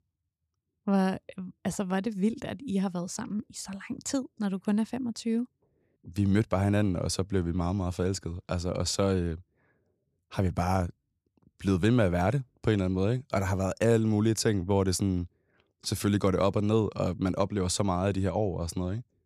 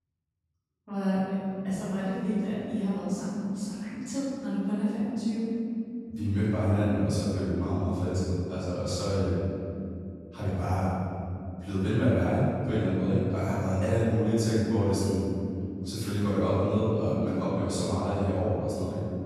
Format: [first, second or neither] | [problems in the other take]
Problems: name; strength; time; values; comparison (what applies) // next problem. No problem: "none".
first | off-mic speech; far // room echo; strong; dies away in 2.8 s